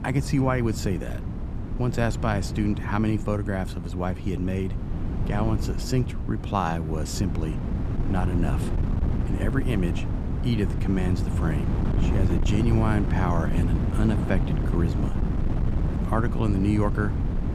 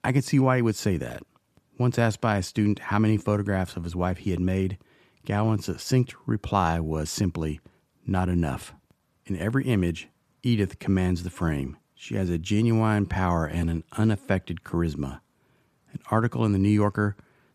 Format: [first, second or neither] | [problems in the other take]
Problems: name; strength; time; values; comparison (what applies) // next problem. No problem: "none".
second | wind noise on the microphone; heavy; 6 dB below the speech